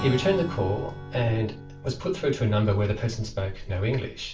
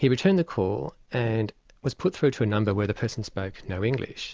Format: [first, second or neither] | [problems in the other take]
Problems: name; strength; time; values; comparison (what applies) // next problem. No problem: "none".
second | background sound (Strum); 13 dB below the speech // room echo; dies away in 0.3 s